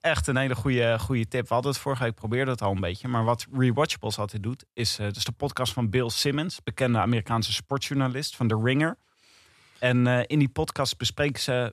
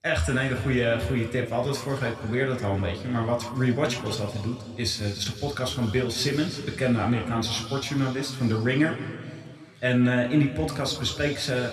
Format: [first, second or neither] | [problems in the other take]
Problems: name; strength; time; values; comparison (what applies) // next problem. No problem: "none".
first | room echo; noticeable; dies away in 2 s // off-mic speech; somewhat distant